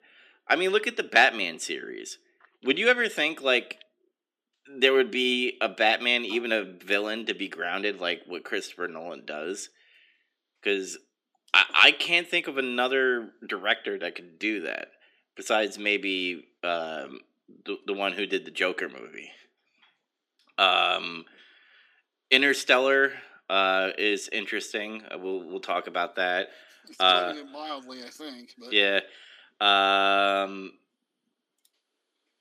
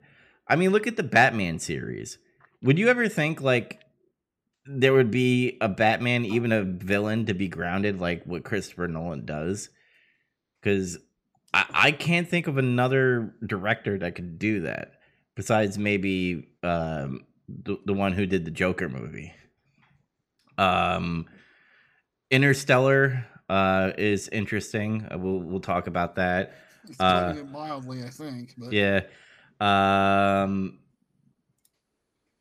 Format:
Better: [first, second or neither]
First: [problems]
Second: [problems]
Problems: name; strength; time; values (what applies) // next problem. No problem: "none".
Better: second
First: thin; somewhat; fading below 250 Hz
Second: none